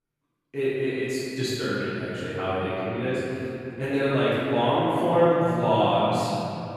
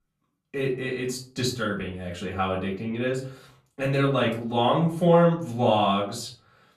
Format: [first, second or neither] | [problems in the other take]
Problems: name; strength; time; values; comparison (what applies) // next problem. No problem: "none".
second | room echo; strong; dies away in 3 s; slight in the second // off-mic speech; far; far in the second